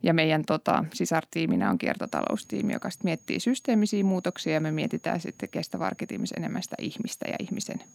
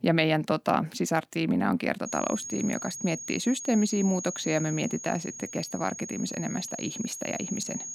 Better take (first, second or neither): first